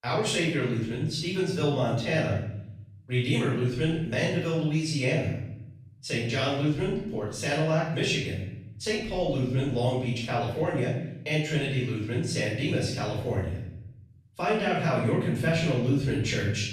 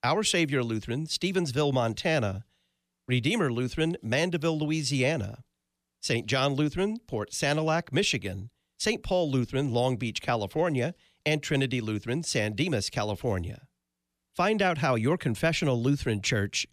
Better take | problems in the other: second | off-mic speech; far // room echo; noticeable; dies away in 0.8 s

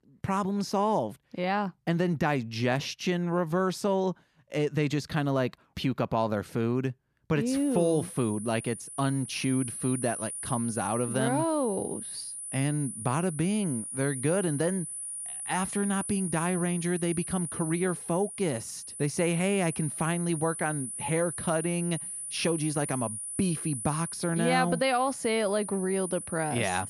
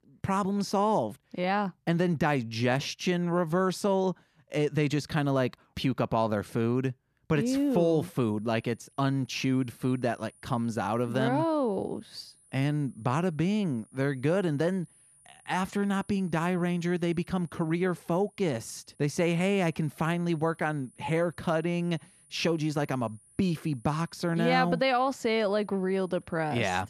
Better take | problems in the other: second | high-pitched whine; loud; from 7.5 s on; 9.5 kHz, 6 dB below the speech; faint in the second

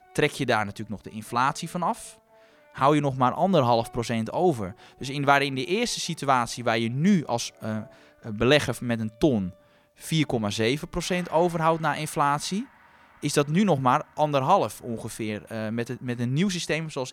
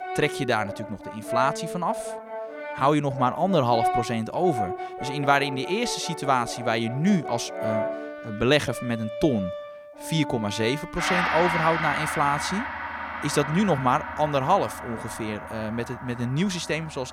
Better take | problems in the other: first | background music; loud; throughout; 6 dB below the speech; faint in the first

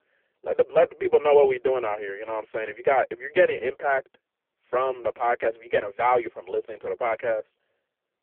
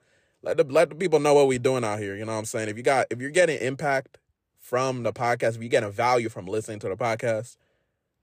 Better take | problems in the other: second | phone-call audio; poor line

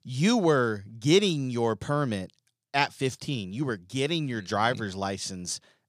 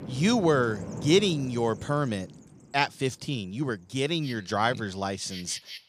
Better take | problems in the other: first | animal sounds; noticeable; throughout; 15 dB below the speech

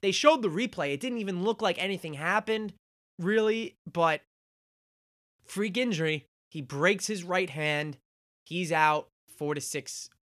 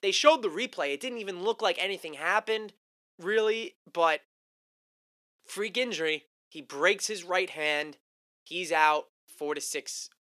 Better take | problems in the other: first | thin; somewhat; fading below 350 Hz

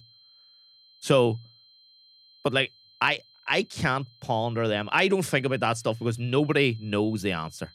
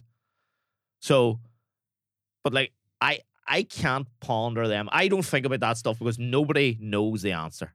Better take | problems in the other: second | high-pitched whine; faint; throughout; 4 kHz, 30 dB below the speech

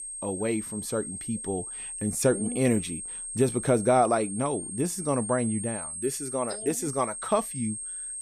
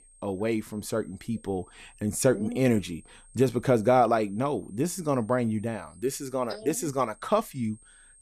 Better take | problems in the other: second | high-pitched whine; loud; throughout; 8.5 kHz, 6 dB below the speech; faint in the second

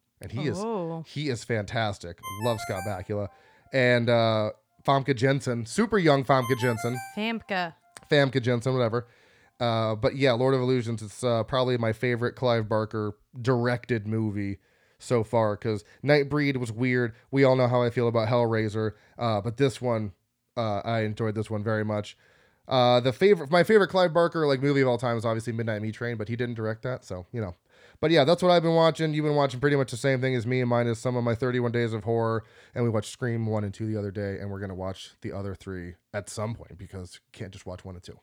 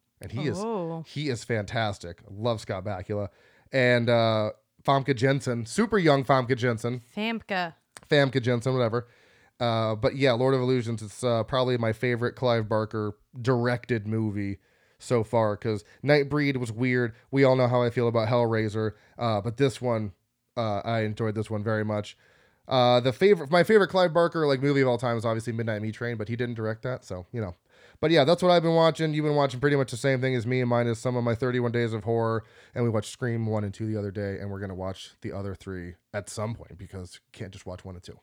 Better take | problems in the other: second | phone ringing; faint; from 2 to 7 s; peak 10 dB below the speech

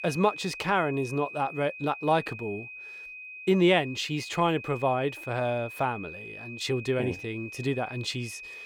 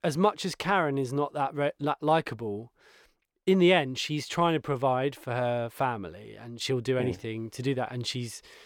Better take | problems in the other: second | high-pitched whine; noticeable; throughout; 2.5 kHz, 10 dB below the speech

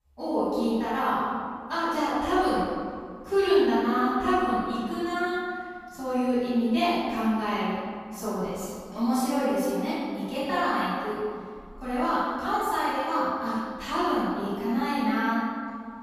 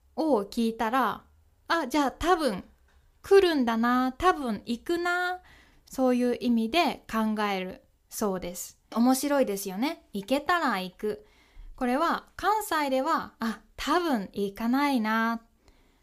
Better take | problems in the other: second | room echo; strong; dies away in 1.9 s // off-mic speech; far

